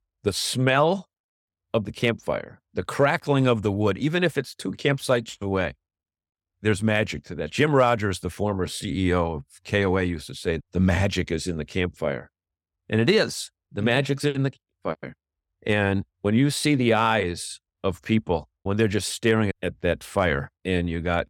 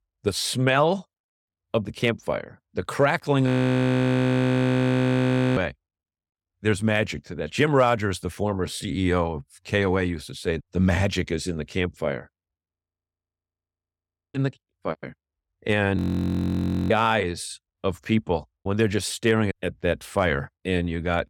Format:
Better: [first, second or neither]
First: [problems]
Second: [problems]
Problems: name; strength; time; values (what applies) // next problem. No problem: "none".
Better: first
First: none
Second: audio freezing; at 3.5 s for 2 s, at 13 s for 1.5 s and at 16 s for 1 s